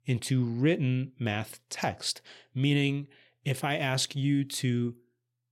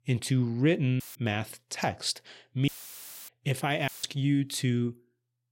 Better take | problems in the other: first | audio cutting out; filled with static; at 1 s, at 2.5 s for 0.5 s and at 4 s

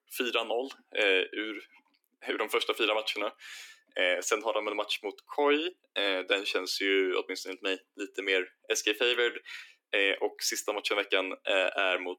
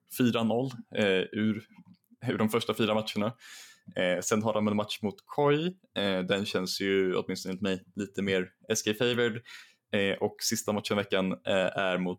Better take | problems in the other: second | thin; somewhat; fading below 300 Hz

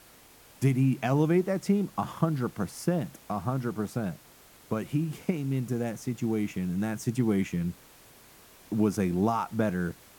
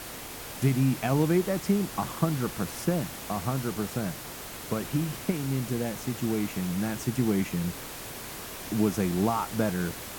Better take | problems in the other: first | hiss; loud; throughout; 9 dB below the speech; faint in the first

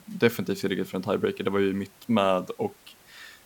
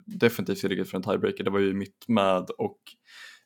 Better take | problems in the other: second | hiss; faint; throughout; 25 dB below the speech

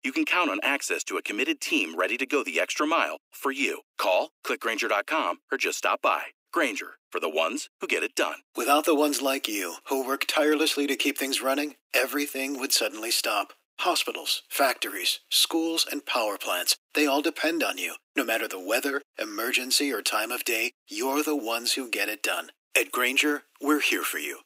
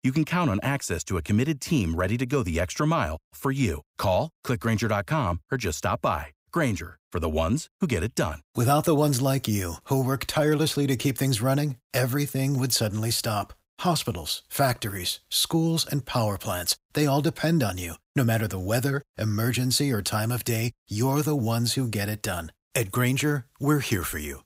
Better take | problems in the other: second | thin; somewhat; fading below 300 Hz

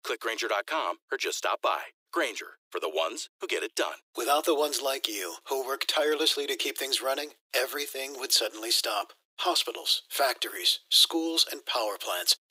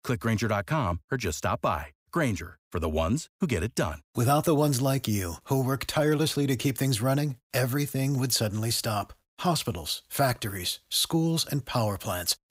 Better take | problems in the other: second | thin; very; fading below 350 Hz

